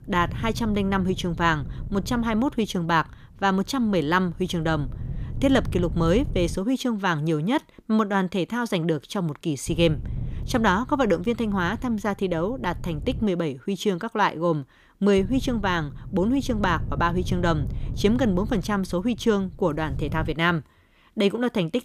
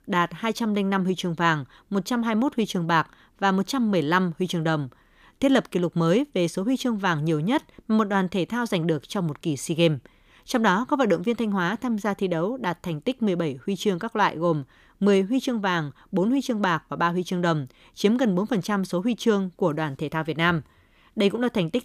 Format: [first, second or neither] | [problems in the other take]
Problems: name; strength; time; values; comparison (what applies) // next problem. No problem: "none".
second | wind noise on the microphone; occasional gusts; until 6.5 s, from 9.5 to 13 s and from 15 to 20 s; 20 dB below the speech